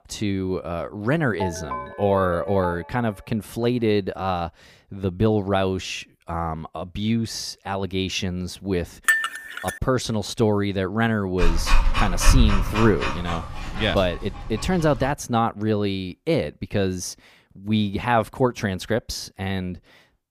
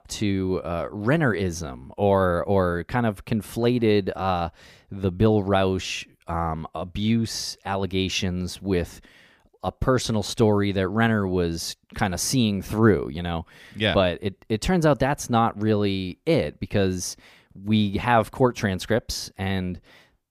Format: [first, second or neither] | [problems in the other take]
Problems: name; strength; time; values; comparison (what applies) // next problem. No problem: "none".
second | phone ringing; noticeable; from 1.5 to 3 s; peak 6 dB below the speech // clattering dishes; loud; at 9 s; peak 4 dB above the speech // dog barking; loud; from 11 to 14 s; peak 4 dB above the speech